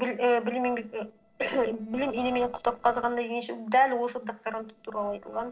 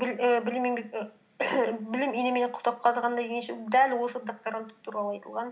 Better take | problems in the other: second | noise reduction (neural separator model SepFormer DNS4)

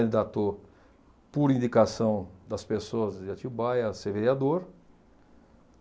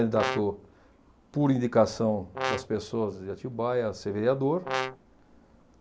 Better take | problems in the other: first | background sound (Brass instrument); 6 dB below the speech

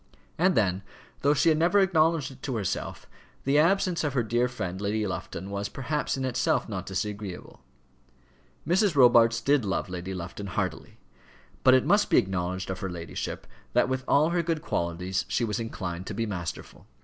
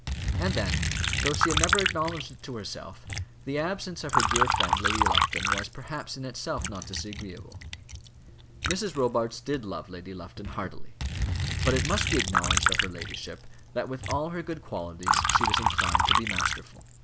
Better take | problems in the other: first | background sound (Liquid); 4 dB above the speech

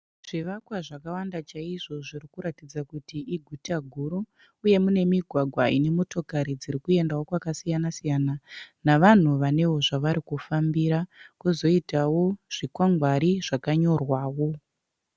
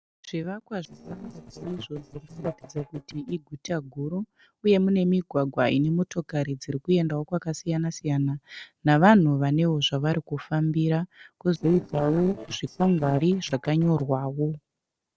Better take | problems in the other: first | noise reduction (neural separator model SepFormer DNS4)

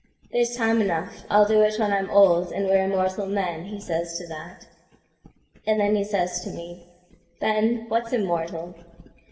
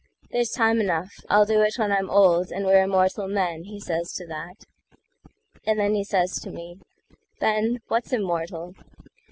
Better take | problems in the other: second | room echo; dies away in 1.6 s

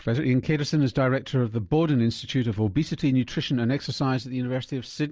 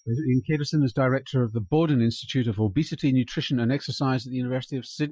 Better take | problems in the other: first | noise reduction (classical method Wiener filter)

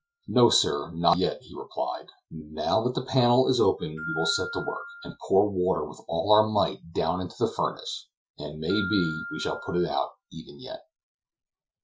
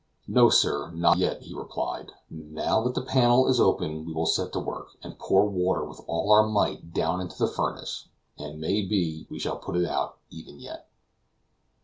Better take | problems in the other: second | noise reduction (classical method Wiener filter)

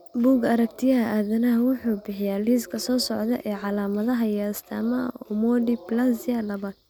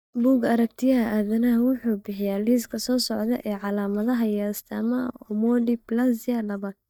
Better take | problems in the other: first | noise reduction (neural mask model DeepFilterNet 3)

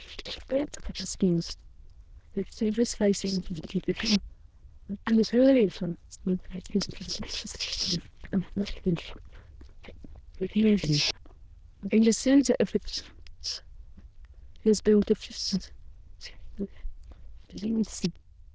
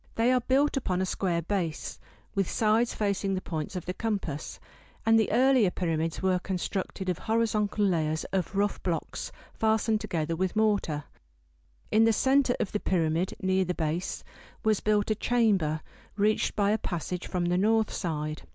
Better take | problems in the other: second | noise reduction (neural diffusion model UNIVERSE++)

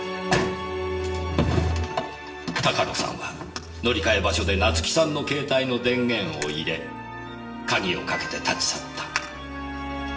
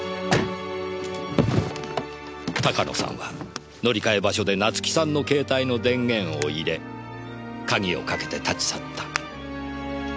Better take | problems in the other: second | background sound (Bowed string instrument); 5 dB below the speech // room echo; dies away in 0.6 s

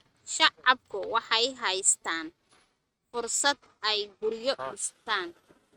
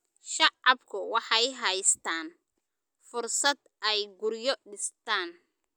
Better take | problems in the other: second | noise reduction (neural mask model RNNoise)

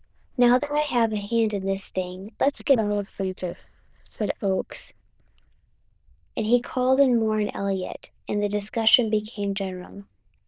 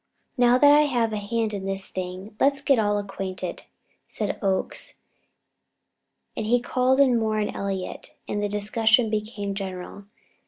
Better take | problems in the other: second | noise reduction (neural diffusion model UNIVERSE++)

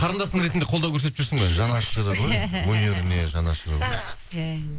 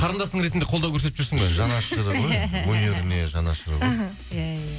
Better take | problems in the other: second | noise reduction (neural mask model Resemble Enhance denoiser)

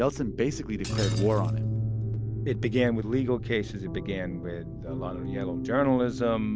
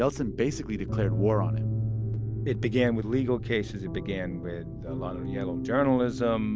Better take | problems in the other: second | background sound (Shatter); 17 dB below the speech

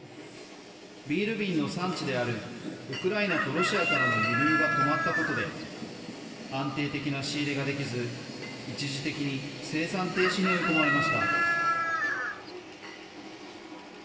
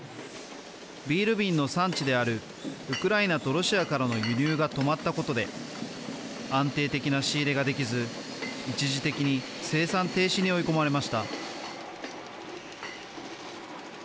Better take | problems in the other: second | background sound (Chicken, rooster); 4 dB above the speech // room echo; dies away in 2.5 s

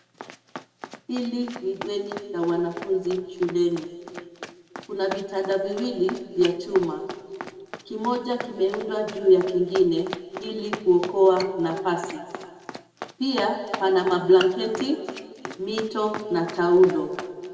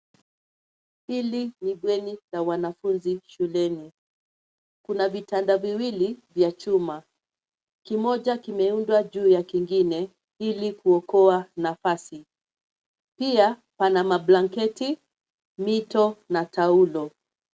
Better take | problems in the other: second | background sound (Run); 14 dB below the speech // room echo; dies away in 1.9 s

